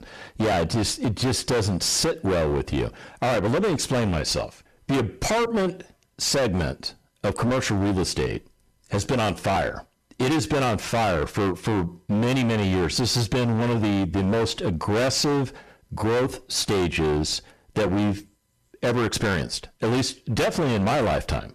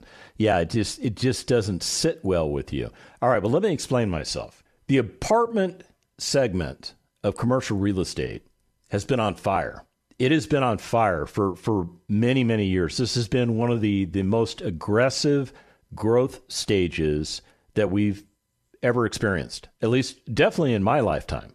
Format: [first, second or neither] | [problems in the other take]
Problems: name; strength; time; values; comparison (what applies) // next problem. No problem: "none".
second | distortion; heavy; 25% of the sound clipped